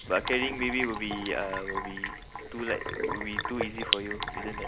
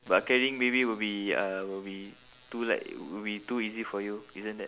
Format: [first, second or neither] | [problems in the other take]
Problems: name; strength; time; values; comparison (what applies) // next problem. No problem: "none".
second | background sound (Sink (filling or washing)); 2 dB below the speech